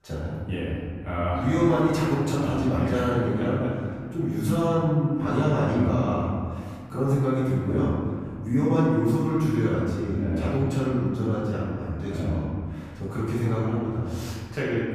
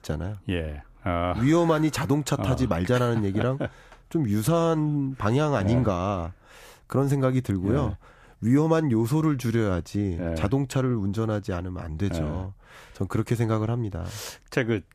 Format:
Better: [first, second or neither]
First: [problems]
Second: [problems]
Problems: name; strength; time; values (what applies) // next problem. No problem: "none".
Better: second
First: off-mic speech; far // room echo; strong; dies away in 1.9 s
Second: none